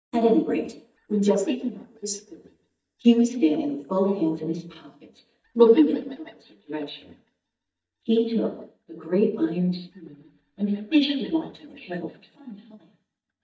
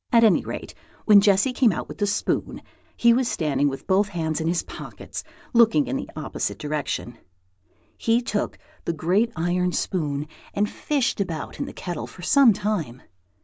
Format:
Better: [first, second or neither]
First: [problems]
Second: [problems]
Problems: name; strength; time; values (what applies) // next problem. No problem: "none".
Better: second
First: noise reduction (neural mask model DeepFilterNet 3)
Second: none